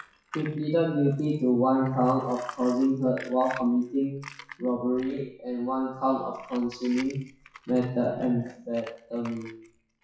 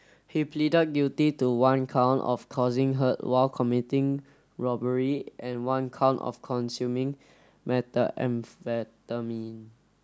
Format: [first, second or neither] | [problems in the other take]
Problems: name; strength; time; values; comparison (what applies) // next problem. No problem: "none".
second | noise reduction (classical method WPE with log-MMSE)